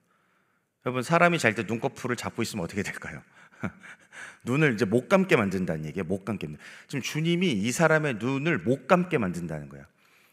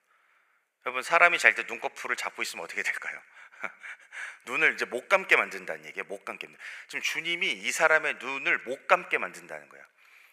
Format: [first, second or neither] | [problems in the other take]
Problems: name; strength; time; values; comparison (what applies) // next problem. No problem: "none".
first | thin; very; fading below 700 Hz